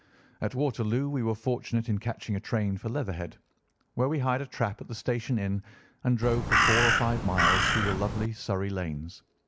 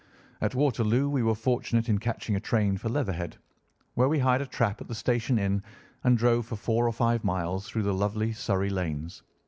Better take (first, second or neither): second